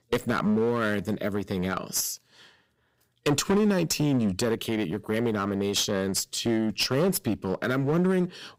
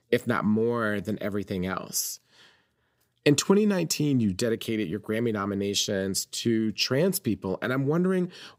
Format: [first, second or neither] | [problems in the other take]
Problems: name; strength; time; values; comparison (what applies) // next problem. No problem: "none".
second | distortion; slight; 10% of the sound clipped